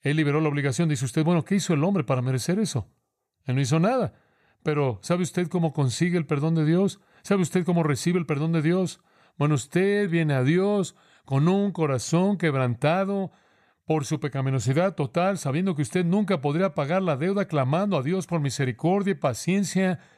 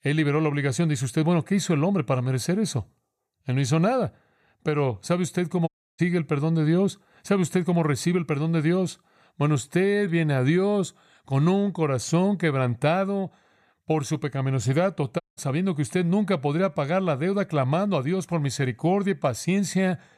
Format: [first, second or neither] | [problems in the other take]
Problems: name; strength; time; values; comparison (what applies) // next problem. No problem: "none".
first | audio cutting out; at 5.5 s and at 15 s